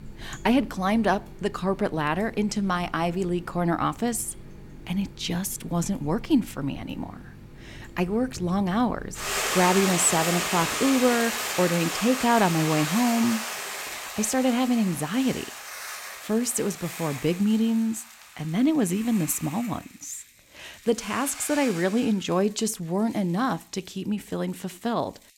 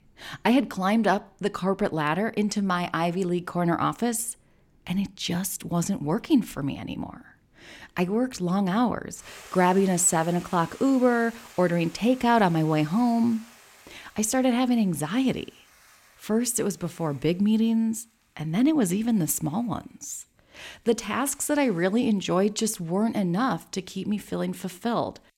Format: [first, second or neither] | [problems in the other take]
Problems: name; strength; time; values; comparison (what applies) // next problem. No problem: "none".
second | household noises; loud; throughout; 5 dB below the speech; faint in the second